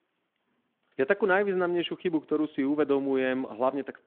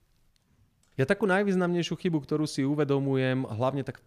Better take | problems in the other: second | phone-call audio

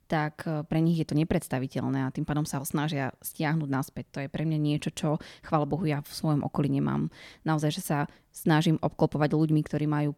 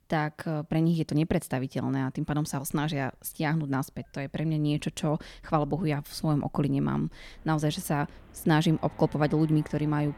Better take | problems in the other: first | traffic noise; faint; throughout; 25 dB below the speech

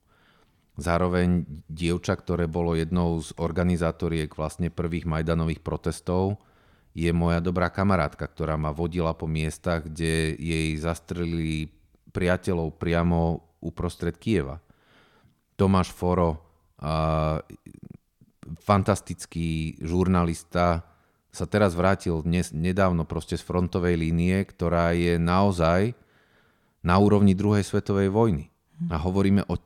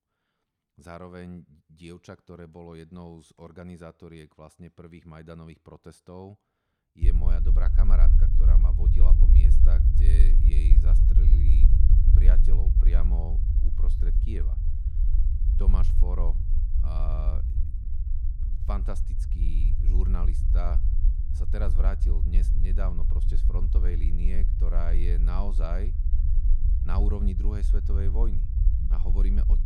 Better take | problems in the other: first | low rumble; loud; from 7 s on; 3 dB below the speech

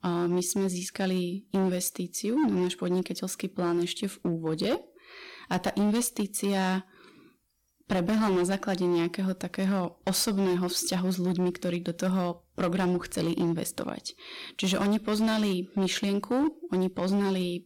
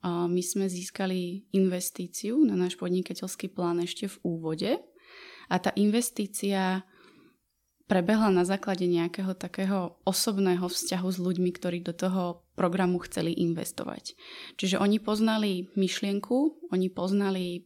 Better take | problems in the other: second | distortion; slight; 11% of the sound clipped

